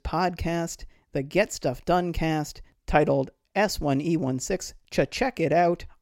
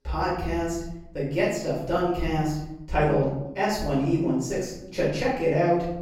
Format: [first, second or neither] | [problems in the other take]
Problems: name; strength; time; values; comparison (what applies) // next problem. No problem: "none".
first | off-mic speech; far // room echo; noticeable; dies away in 0.8 s